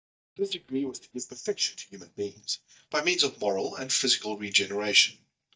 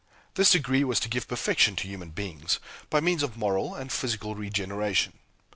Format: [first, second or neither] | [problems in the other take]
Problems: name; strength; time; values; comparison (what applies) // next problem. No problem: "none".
second | noise reduction (neural mask model DeepFilterNet 3)